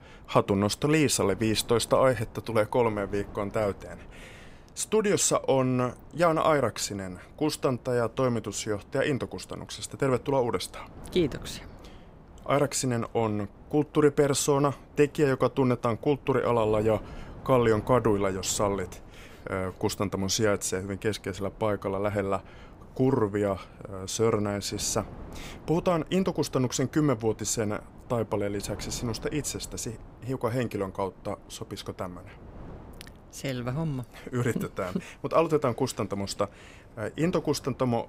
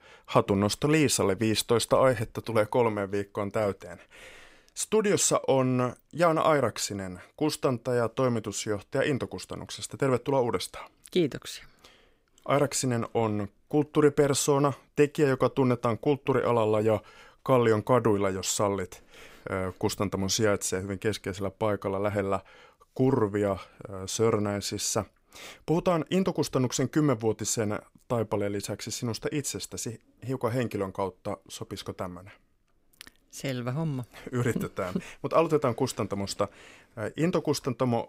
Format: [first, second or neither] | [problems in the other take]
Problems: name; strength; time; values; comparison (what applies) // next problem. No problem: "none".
second | wind noise on the microphone; occasional gusts; 25 dB below the speech